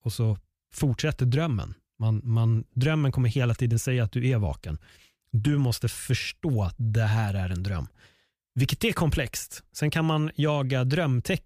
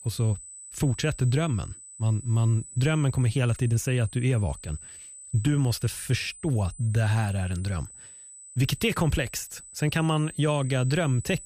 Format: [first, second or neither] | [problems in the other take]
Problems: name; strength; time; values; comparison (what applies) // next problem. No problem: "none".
first | high-pitched whine; noticeable; throughout; 8 kHz, 15 dB below the speech